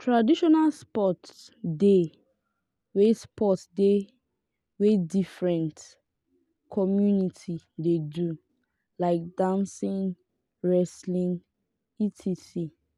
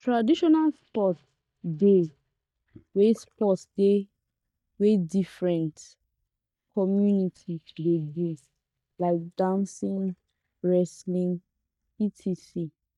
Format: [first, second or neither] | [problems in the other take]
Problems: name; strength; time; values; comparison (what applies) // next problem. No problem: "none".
first | noise reduction (neural mask model DeepFilterNet 3)